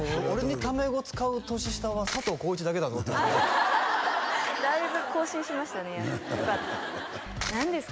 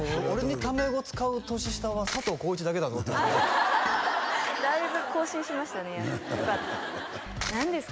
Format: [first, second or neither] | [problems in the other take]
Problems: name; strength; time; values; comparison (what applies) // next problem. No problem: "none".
first | background sound (Tools); 19 dB below the speech